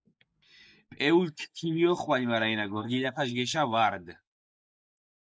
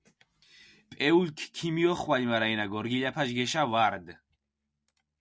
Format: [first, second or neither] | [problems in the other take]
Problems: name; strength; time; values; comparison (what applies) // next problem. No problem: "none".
second | noise reduction (neural mask model Resemble Enhance denoiser)